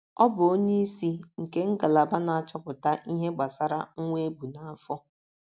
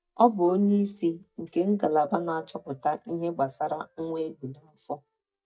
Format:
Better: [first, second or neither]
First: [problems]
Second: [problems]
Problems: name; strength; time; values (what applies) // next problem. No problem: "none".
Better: first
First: none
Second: noise reduction (neural mask model DeepFilterNet 3)